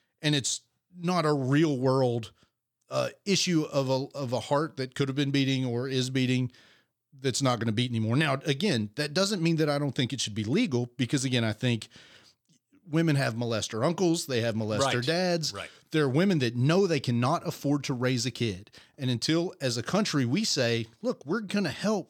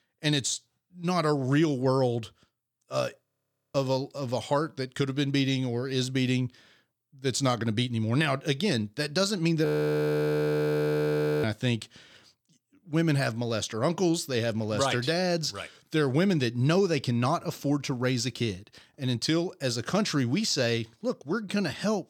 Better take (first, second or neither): first